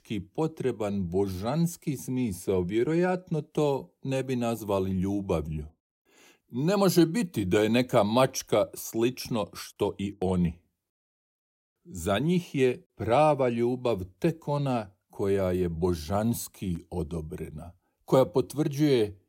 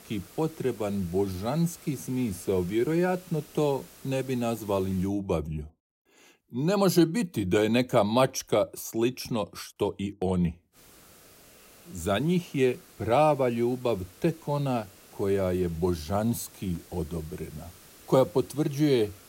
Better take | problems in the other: first | hiss; faint; until 5 s and from 11 s on; 20 dB below the speech

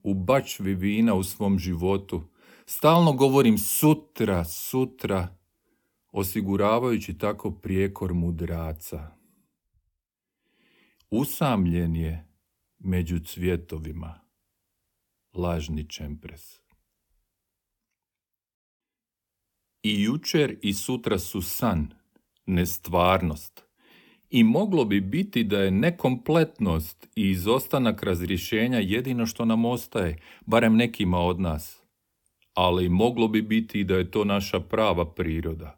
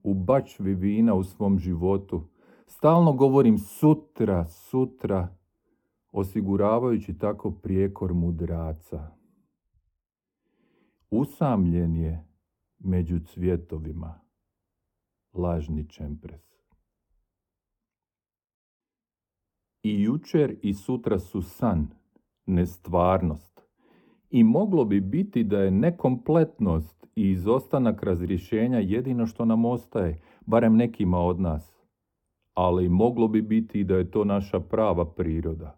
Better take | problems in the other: first | muffled; very; fading above 1.5 kHz

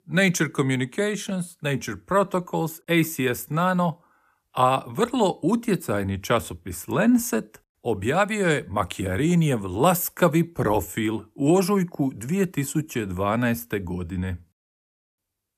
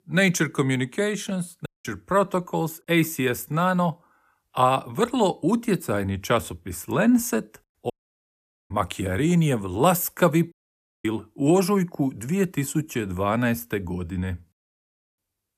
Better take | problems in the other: first | audio cutting out; at 1.5 s, at 8 s for 1 s and at 11 s for 0.5 s

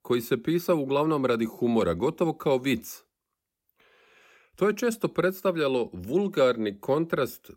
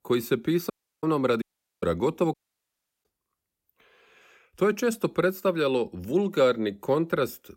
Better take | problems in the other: first | audio cutting out; at 0.5 s, at 1.5 s and at 2.5 s for 0.5 s

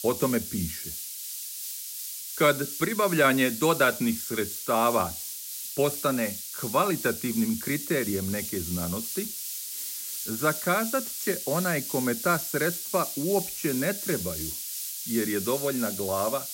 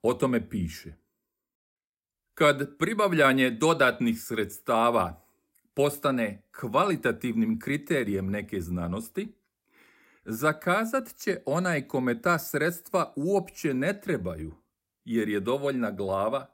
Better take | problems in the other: second | hiss; loud; throughout; 5 dB below the speech

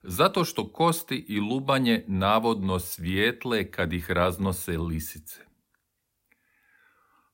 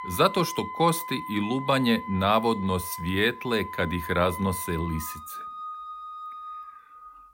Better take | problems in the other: first | background music; noticeable; throughout; 10 dB below the speech

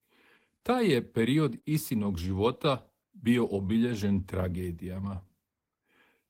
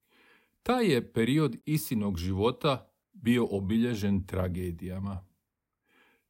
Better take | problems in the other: second | garbled, watery; slightly; nothing above 16 kHz

